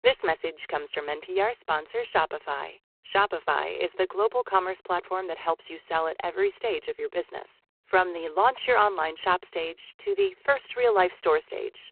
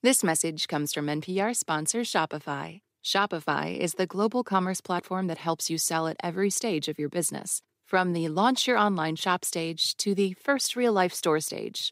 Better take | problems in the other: second | phone-call audio; poor line

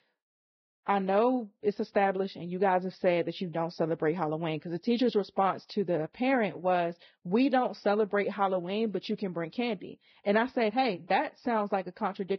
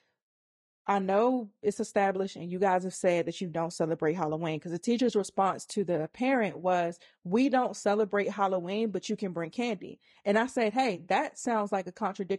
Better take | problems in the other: second | garbled, watery; badly; nothing above 5.5 kHz; slightly in the second

